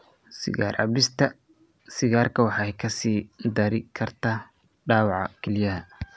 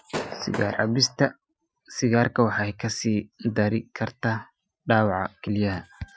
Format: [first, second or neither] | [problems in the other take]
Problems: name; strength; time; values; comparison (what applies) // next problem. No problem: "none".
first | noise reduction (classical method Wiener filter)